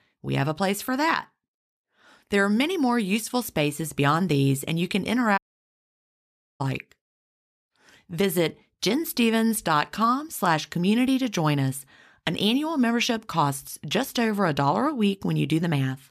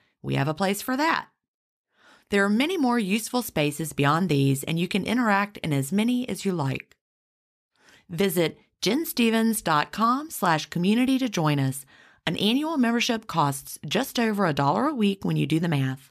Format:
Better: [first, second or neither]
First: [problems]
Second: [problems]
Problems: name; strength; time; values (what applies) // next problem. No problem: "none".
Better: second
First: audio cutting out; at 5.5 s for 1 s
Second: none